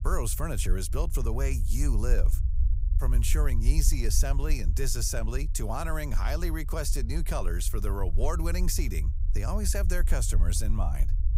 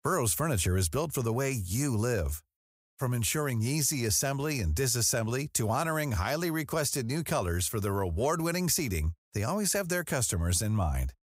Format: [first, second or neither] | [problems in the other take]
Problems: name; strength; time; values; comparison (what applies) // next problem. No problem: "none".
second | low rumble; noticeable; throughout; 15 dB below the speech